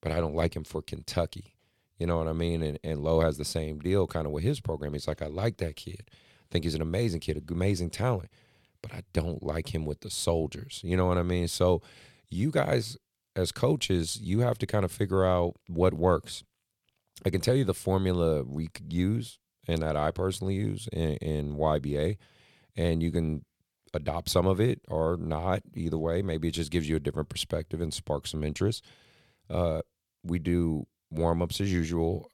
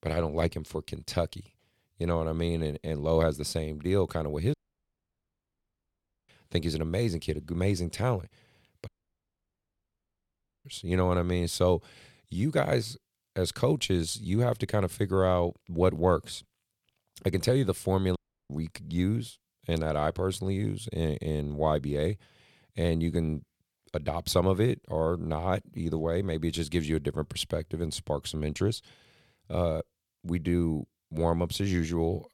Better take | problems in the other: first | audio cutting out; at 4.5 s for 1.5 s, at 9 s for 2 s and at 18 s

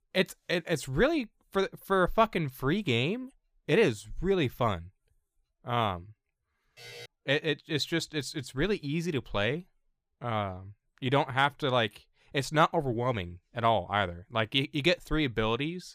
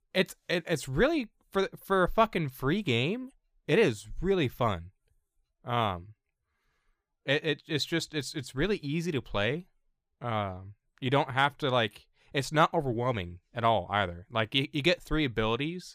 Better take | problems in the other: second | alarm; faint; at 7 s; peak 15 dB below the speech

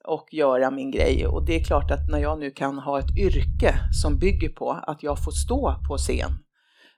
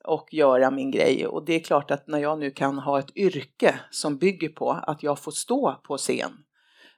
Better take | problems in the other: second | low rumble; faint; from 1 to 2.5 s, from 3 to 4.5 s and from 5 to 6.5 s; 20 dB below the speech

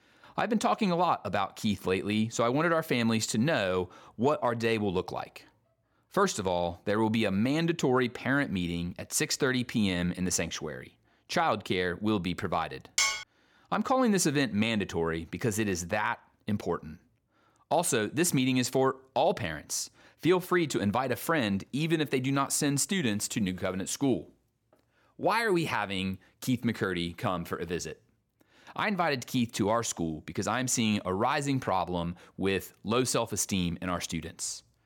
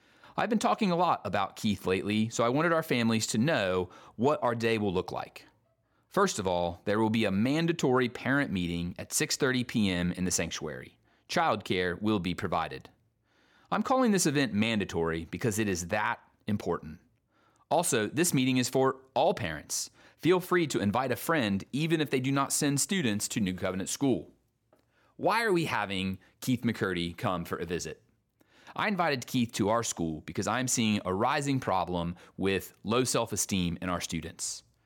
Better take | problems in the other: second | clattering dishes; loud; at 13 s; peak 3 dB above the speech

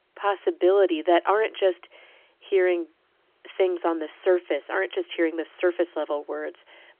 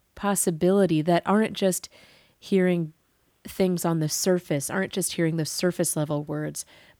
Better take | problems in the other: second | phone-call audio; nothing above 3.5 kHz

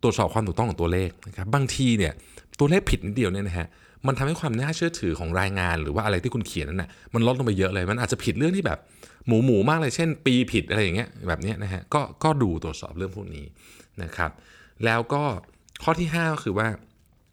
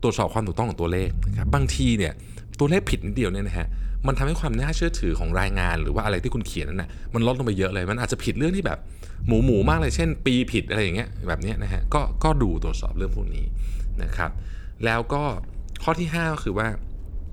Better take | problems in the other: first | low rumble; faint; throughout; 25 dB below the speech

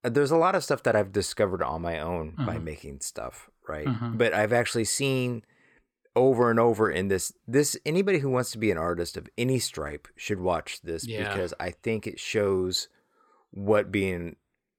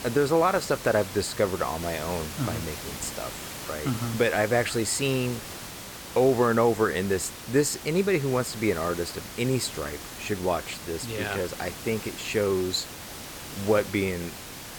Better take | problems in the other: first | hiss; noticeable; throughout; 10 dB below the speech

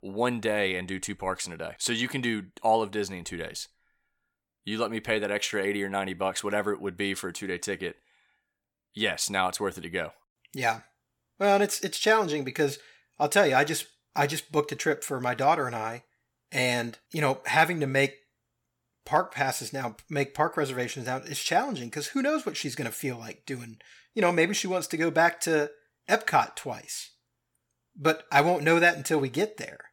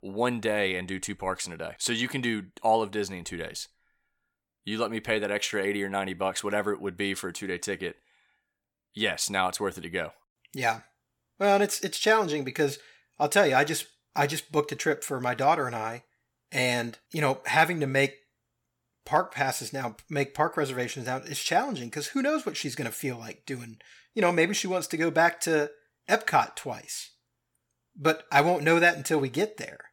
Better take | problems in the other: neither | none

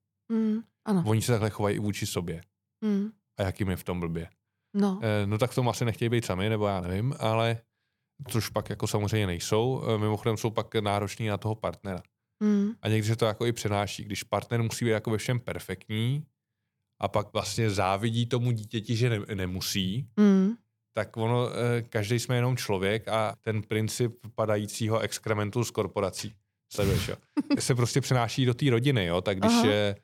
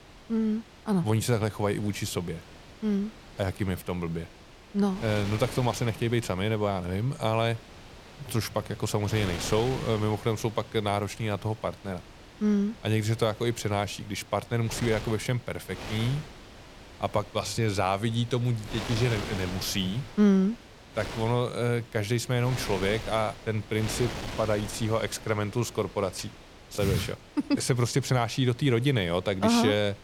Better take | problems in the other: first | wind noise on the microphone; occasional gusts; 10 dB below the speech

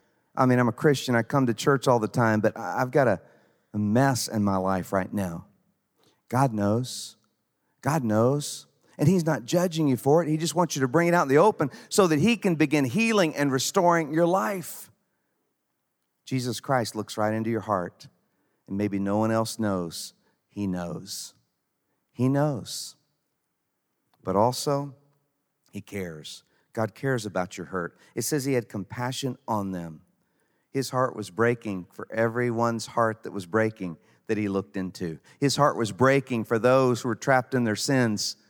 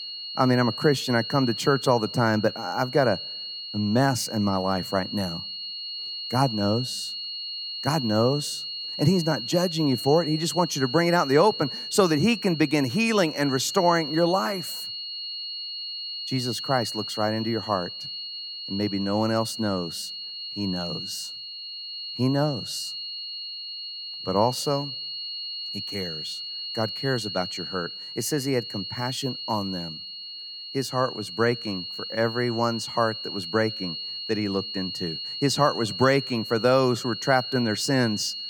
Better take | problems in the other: first | high-pitched whine; loud; throughout; 4.5 kHz, 7 dB below the speech

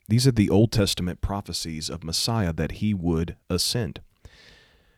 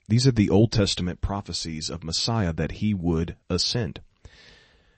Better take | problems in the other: first | garbled, watery; slightly; nothing above 8 kHz

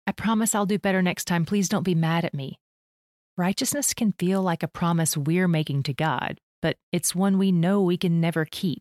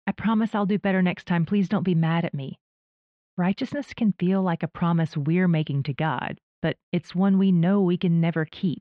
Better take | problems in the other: first | muffled; very; fading above 3 kHz

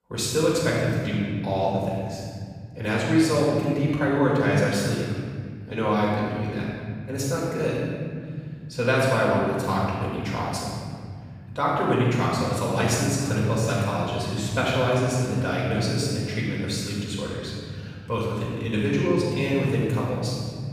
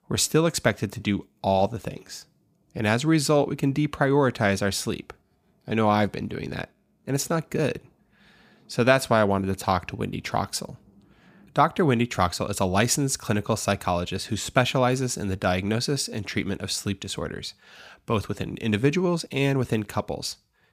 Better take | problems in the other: second | off-mic speech; far // room echo; strong; dies away in 3 s

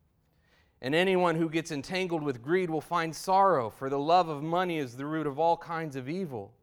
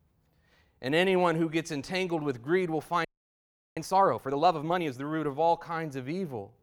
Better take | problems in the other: first | audio freezing; at 3 s for 0.5 s

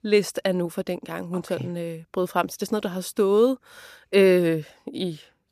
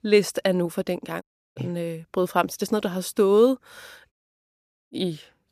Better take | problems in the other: first | audio cutting out; at 1 s and at 4 s for 1 s

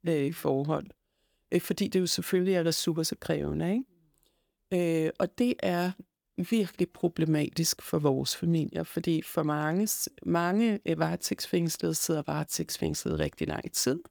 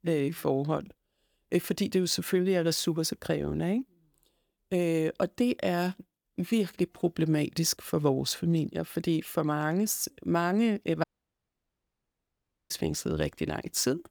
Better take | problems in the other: first | audio cutting out; at 11 s for 1.5 s

